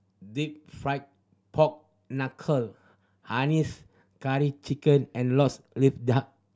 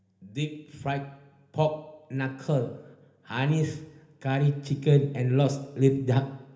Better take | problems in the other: first | room echo; dies away in 0.8 s

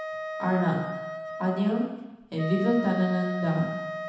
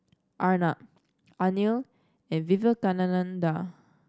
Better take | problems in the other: second | background sound (Wind instrument, woodwind instrument); 8 dB below the speech // room echo; dies away in 1.1 s

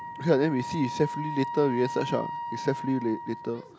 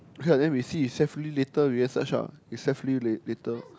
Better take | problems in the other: second | background sound (Wind instrument, woodwind instrument); 8 dB below the speech

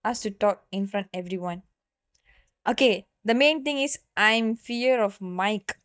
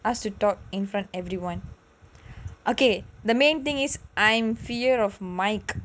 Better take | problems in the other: second | noise reduction (neural mask model DeepFilterNet 3)

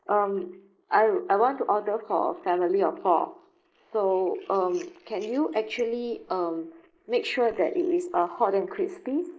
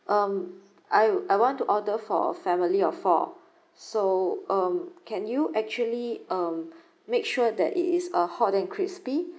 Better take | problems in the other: second | noise reduction (neural mask model Resemble Enhance denoiser)

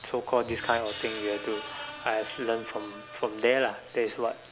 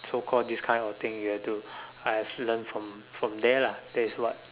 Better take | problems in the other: second | background sound (Screech); 13 dB below the speech

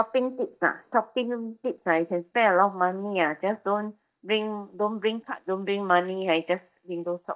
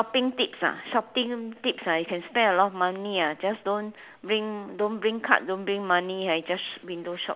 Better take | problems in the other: second | noise reduction (neural mask model DeepFilterNet 3)

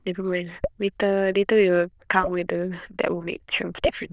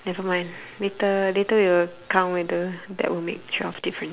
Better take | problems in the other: second | noise reduction (neural diffusion model UNIVERSE++)

